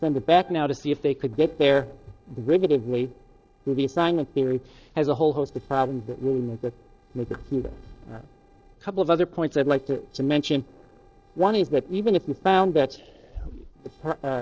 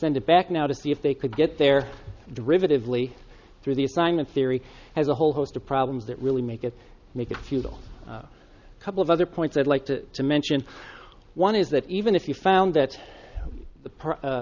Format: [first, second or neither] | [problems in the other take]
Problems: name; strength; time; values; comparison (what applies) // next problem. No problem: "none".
second | noise reduction (neural separator model SepFormer DNS4)